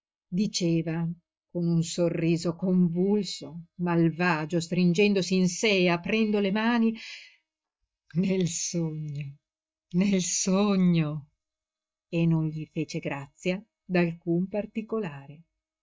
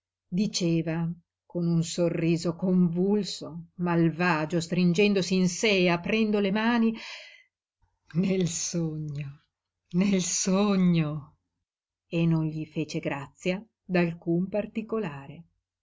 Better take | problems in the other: second | noise reduction (neural mask model DeepFilterNet 3)

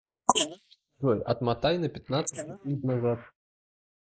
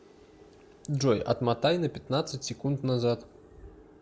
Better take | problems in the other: second | noise reduction (neural mask model Resemble Enhance denoiser)

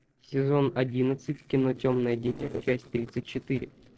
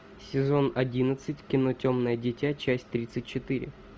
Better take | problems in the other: second | noise reduction (neural separator model SepFormer DNS4)

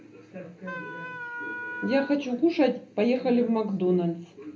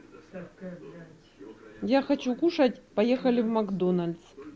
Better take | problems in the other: second | background sound (Wind instrument, woodwind instrument); 10 dB below the speech // room echo; dies away in 0.3 s

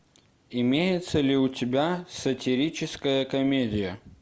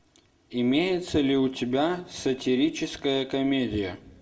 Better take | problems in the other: first | room echo; dies away in 0.3 s

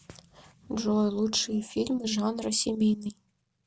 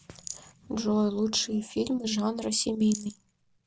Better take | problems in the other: first | background sound (Rattle); 16 dB below the speech

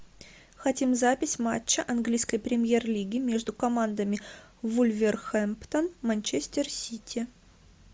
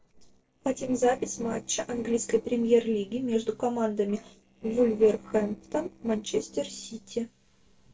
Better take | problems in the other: first | noise reduction (neural separator model SepFormer DNS4)

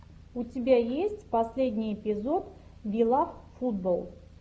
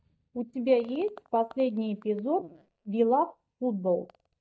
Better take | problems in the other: first | noise reduction (neural mask model DeepFilterNet 3)

